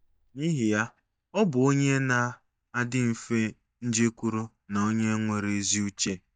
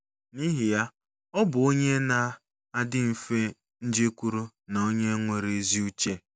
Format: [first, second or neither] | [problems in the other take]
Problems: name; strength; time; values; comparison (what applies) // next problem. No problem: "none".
second | noise reduction (neural mask model DeepFilterNet 3)